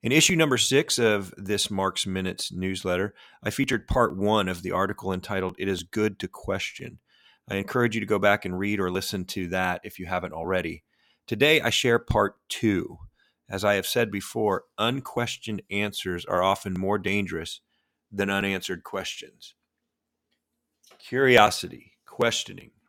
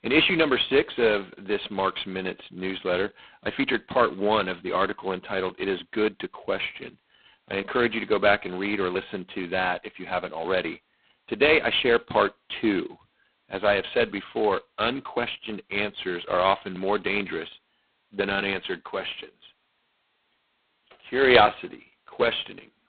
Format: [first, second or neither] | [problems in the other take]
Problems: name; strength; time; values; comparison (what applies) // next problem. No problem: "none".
first | phone-call audio; poor line; nothing above 4 kHz